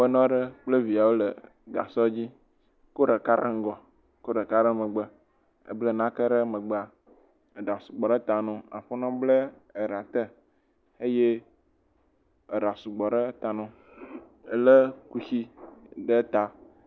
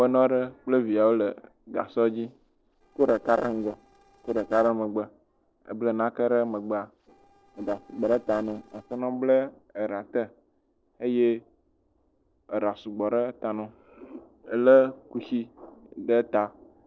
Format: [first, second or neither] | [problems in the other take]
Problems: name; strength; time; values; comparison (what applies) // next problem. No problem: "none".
first | noise reduction (neural separator model SepFormer DNS4)